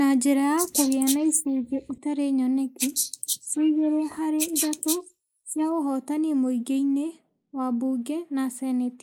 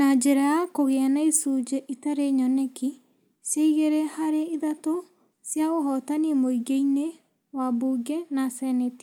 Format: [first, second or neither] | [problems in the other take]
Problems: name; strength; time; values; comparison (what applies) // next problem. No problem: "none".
second | noise reduction (neural mask model Resemble Enhance denoiser)